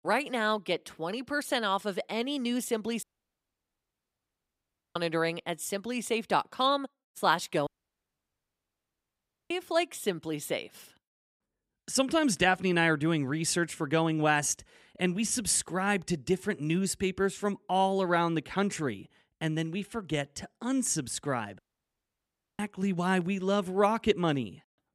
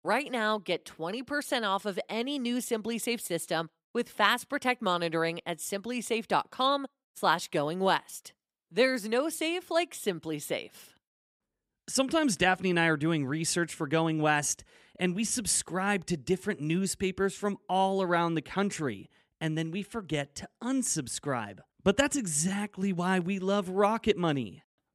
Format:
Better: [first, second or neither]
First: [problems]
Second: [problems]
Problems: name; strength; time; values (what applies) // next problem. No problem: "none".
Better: second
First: audio cutting out; at 3 s for 2 s, at 7.5 s for 2 s and at 22 s for 1 s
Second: none